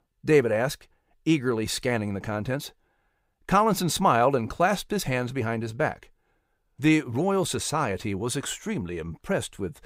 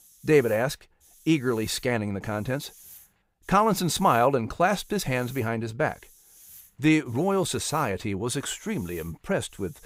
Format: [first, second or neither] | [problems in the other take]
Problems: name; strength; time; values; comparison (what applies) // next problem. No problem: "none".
first | hiss; faint; throughout; 25 dB below the speech